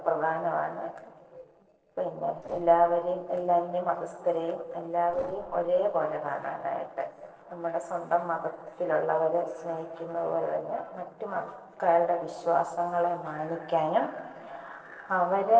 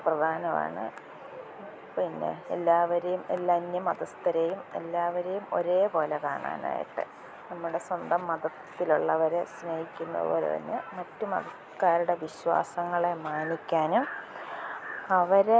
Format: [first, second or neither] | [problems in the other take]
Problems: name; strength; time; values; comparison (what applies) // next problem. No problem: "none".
second | noise reduction (neural separator model SepFormer DNS4)